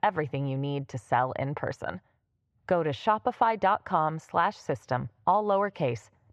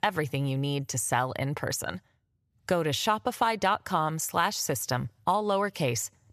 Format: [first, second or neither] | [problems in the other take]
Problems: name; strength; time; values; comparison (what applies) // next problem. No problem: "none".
second | muffled; very; fading above 2 kHz